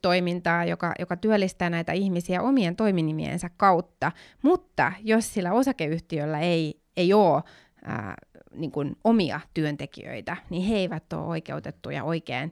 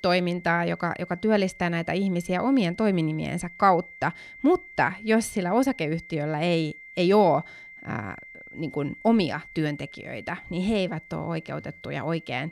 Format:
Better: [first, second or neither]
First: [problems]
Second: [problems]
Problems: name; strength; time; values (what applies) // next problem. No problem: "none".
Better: first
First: none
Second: high-pitched whine; noticeable; throughout; 2 kHz, 20 dB below the speech